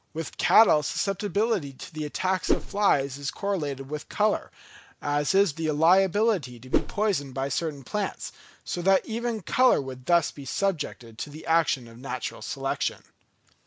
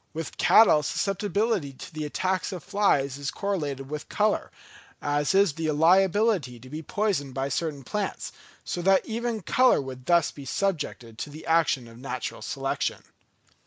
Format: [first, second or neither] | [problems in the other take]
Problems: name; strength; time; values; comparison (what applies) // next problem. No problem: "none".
second | background sound (Whoosh, swoosh, swish); 1 dB above the speech